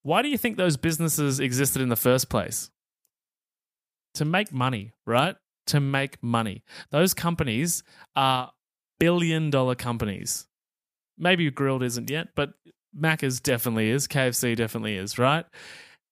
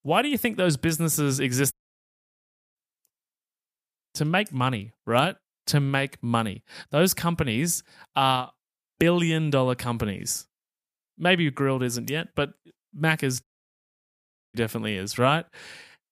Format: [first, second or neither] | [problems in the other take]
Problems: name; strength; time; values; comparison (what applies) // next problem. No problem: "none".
first | audio cutting out; at 1.5 s for 1 s and at 13 s for 1 s